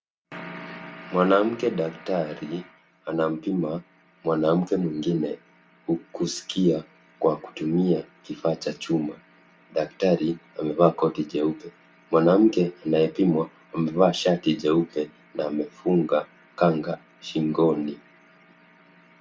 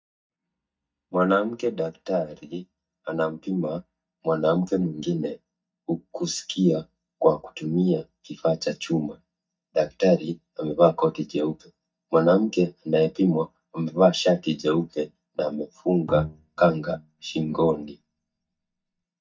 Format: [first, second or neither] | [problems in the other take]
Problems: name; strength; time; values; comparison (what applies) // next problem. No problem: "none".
first | noise reduction (neural mask model DeepFilterNet 3)